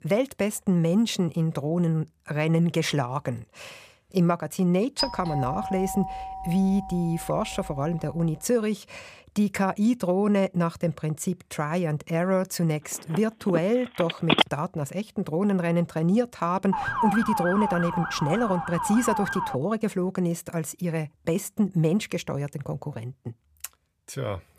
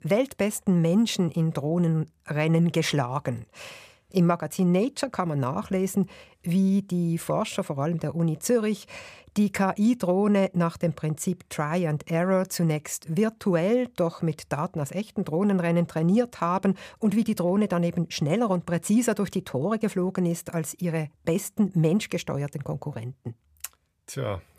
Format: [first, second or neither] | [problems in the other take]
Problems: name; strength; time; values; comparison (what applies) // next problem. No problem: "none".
second | doorbell; noticeable; from 5 to 8 s; peak 3 dB below the speech // phone ringing; loud; from 13 to 14 s; peak 4 dB above the speech // siren; loud; from 17 to 20 s; peak level with the speech